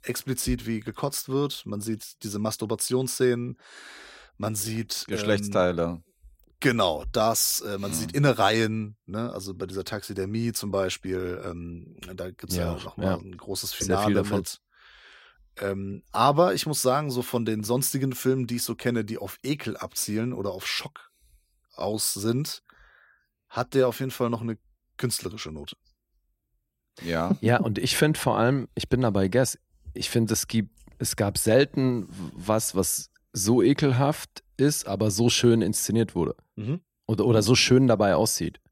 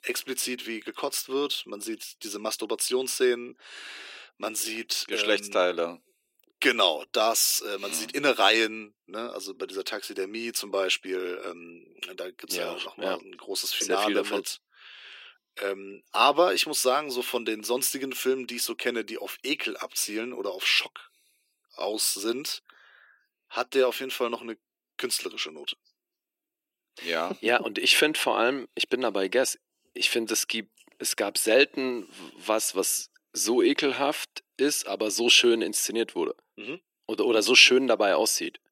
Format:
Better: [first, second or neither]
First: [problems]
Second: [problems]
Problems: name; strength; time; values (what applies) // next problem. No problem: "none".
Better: first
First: none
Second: thin; somewhat; fading below 350 Hz